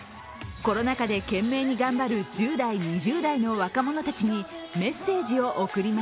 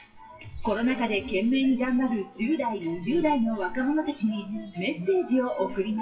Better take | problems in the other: first | noise reduction (classical method WPE with log-MMSE)

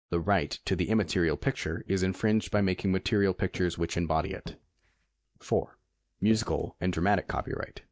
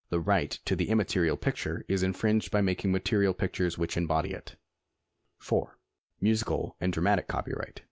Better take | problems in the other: second | noise reduction (neural mask model DeepFilterNet 3)

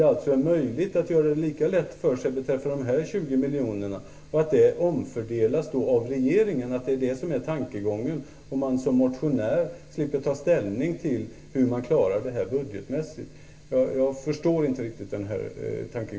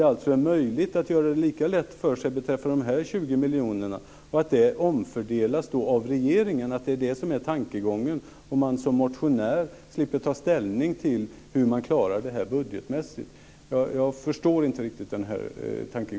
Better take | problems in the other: second | room echo; dies away in 0.6 s

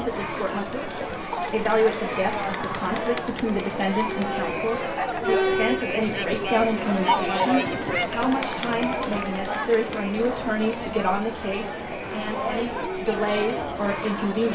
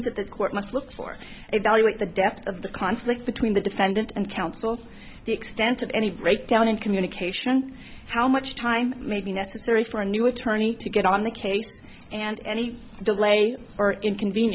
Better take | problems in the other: second | background sound (Crowd); 1 dB below the speech // room echo; dies away in 0.3 s

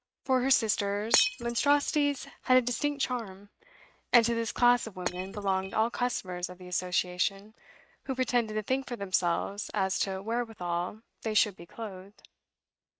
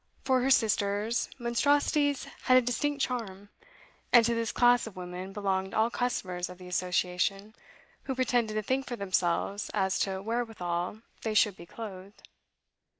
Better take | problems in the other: second | noise reduction (neural mask model RNNoise)

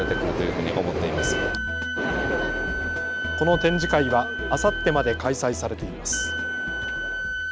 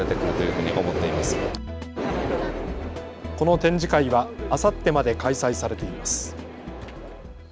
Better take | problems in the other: second | background sound (Wind instrument, woodwind instrument); 5 dB below the speech

